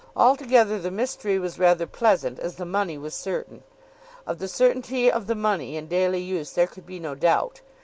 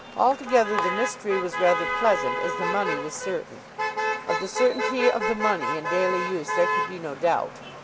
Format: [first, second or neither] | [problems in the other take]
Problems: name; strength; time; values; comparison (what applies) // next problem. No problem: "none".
first | background sound (Motor vehicle (road)); 3 dB below the speech